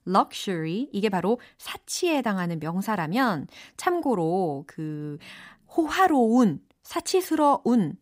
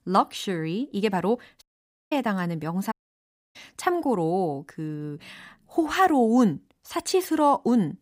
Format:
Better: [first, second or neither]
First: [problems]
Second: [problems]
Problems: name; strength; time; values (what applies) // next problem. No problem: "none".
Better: first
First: none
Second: audio cutting out; at 1.5 s and at 3 s for 0.5 s